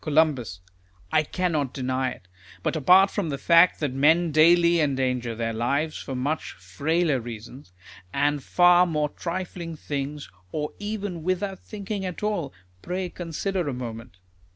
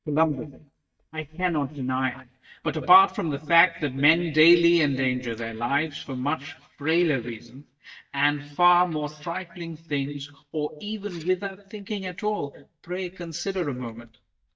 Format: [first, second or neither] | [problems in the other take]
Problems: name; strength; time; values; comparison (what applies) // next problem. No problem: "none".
first | noise reduction (neural mask model DeepFilterNet 3)